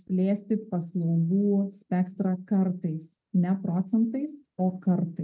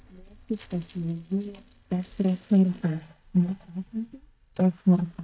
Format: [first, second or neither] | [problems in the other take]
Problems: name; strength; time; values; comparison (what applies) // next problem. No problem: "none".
first | noise reduction (neural mask model DeepFilterNet 3)